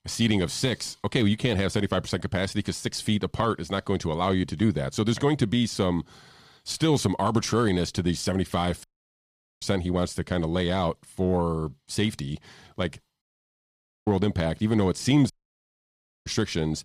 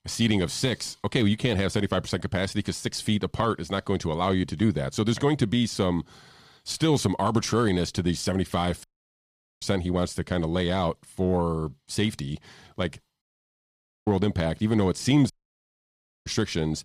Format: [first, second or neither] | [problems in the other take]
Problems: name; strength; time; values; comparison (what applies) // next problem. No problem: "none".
neither | audio cutting out; at 9 s for 1 s, at 13 s for 1 s and at 15 s for 1 s; the same in both